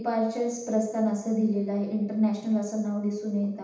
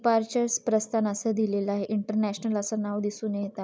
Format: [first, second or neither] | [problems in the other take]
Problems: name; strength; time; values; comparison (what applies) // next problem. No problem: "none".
second | room echo; dies away in 0.8 s